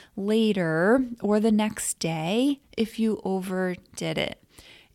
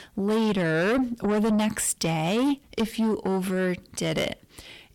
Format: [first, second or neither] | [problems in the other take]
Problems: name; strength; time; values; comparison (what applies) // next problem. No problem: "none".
first | distortion; heavy; 8 dB below the speech